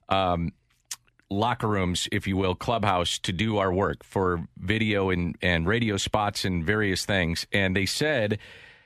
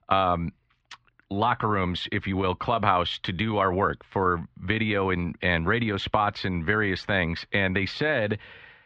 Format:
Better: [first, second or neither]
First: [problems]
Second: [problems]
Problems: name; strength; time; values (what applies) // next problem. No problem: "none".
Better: first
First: none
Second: muffled; slightly; fading above 4 kHz